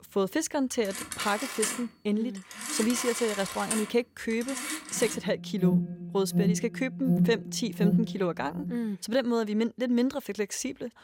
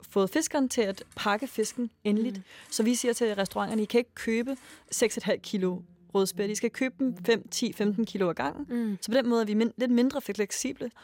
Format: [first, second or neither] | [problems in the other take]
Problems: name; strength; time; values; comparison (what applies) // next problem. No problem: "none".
second | alarms or sirens; loud; until 8.5 s; 2 dB below the speech; faint in the second